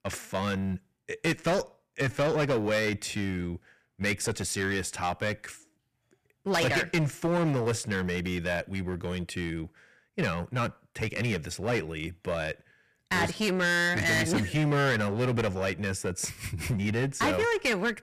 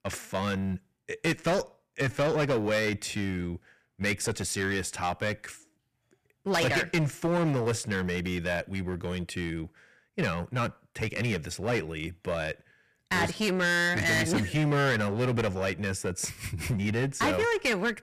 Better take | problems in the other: neither | distortion; heavy; 11% of the sound clipped; the same in both

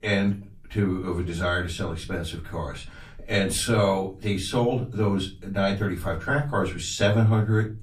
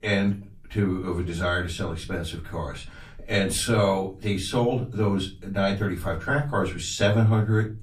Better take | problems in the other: neither | off-mic speech; far; the same in both // room echo; very slight; dies away in 0.4 s; the same in both

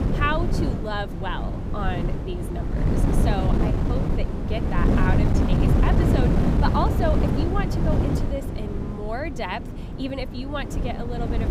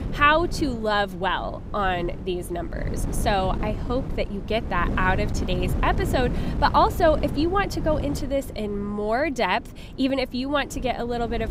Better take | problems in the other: second | wind noise on the microphone; heavy; 1 dB below the speech; occasional gusts in the second

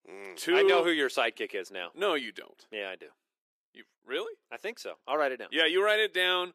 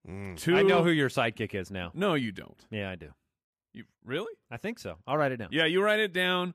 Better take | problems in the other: second | thin; somewhat; fading below 350 Hz

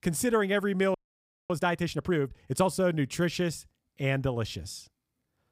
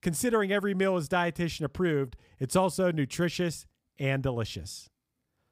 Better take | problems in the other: second | audio freezing; at 1 s for 0.5 s

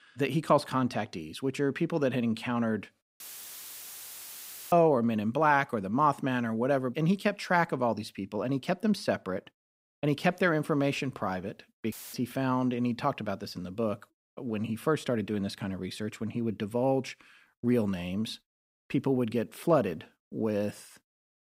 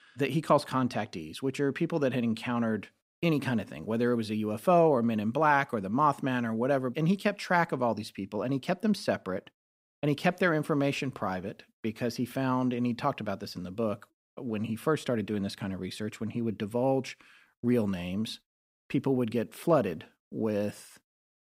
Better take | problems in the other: second | audio cutting out; filled with static; at 3 s for 1.5 s and at 12 s

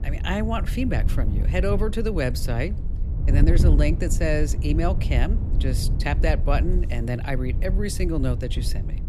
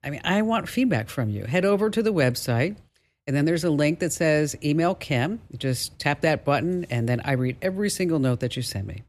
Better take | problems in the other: second | wind noise on the microphone; occasional gusts; 10 dB below the speech

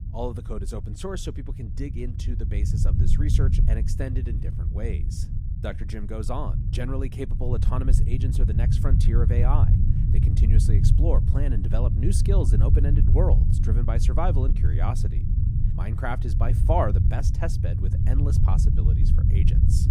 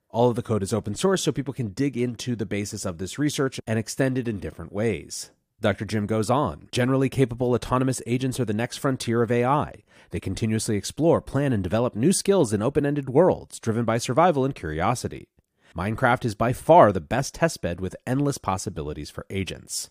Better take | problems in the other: second | low rumble; loud; throughout; 4 dB below the speech

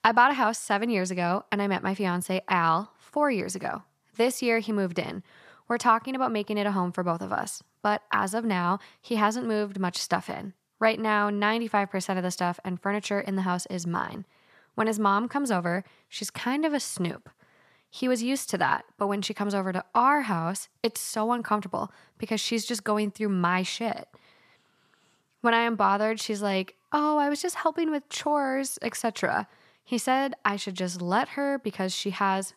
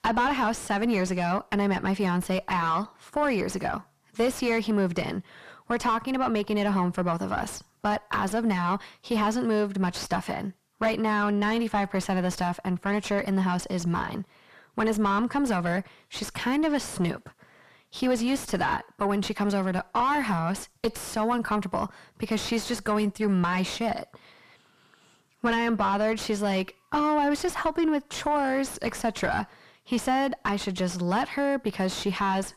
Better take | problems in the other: first | distortion; heavy; 5 dB below the speech

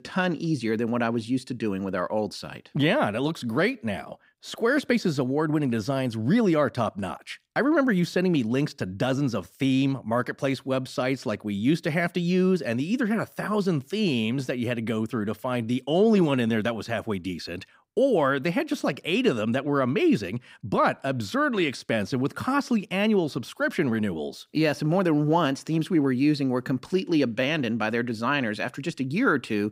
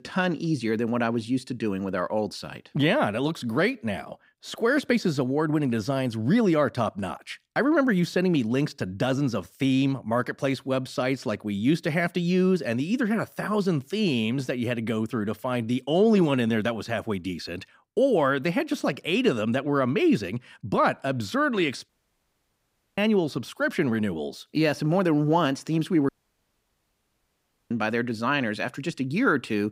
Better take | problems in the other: first | audio cutting out; at 22 s for 1 s and at 26 s for 1.5 s

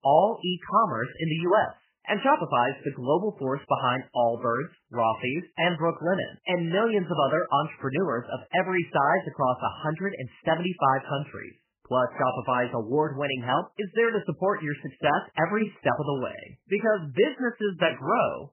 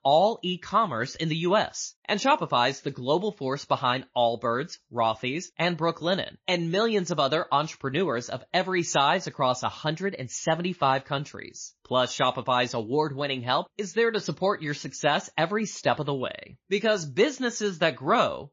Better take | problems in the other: second | garbled, watery; badly; nothing above 3 kHz; slightly in the second

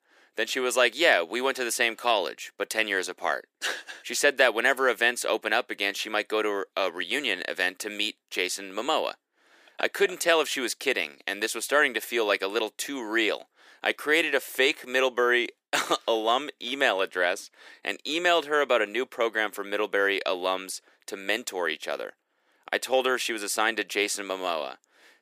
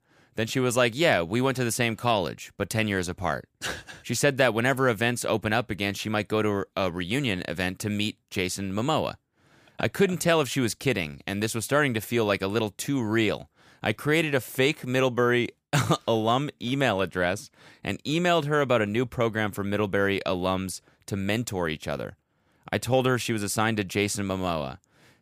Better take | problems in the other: second | thin; somewhat; fading below 350 Hz

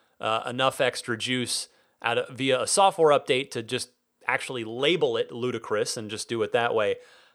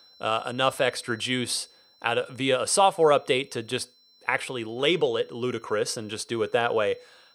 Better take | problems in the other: first | high-pitched whine; faint; throughout; 4 kHz, 30 dB below the speech

